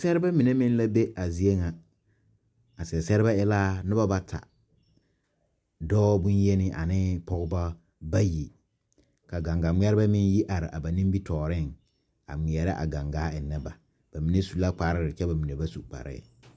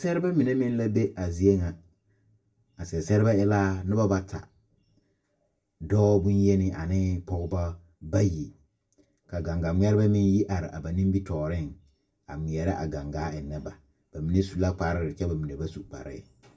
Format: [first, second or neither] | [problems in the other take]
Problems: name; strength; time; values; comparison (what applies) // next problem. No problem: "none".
first | room echo; dies away in 0.2 s